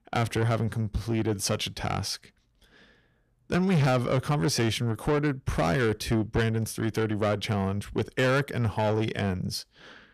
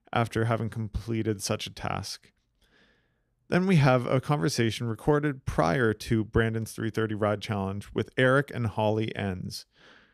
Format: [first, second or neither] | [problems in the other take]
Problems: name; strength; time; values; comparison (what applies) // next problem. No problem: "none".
second | distortion; heavy; 8 dB below the speech